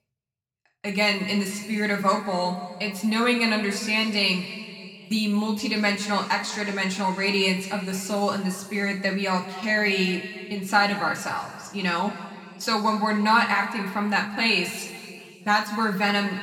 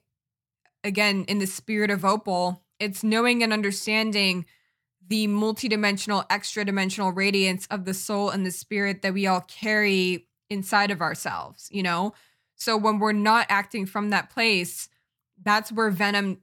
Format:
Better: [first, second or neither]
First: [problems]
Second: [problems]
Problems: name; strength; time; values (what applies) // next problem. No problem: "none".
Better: second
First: room echo; slight; dies away in 2.2 s // off-mic speech; somewhat distant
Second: none